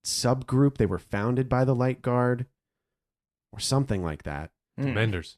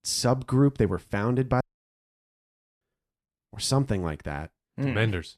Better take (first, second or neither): first